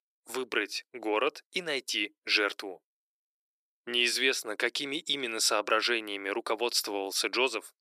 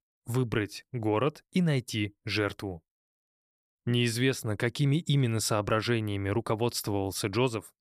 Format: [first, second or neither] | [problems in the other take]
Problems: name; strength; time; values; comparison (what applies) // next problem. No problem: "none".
second | thin; very; fading below 350 Hz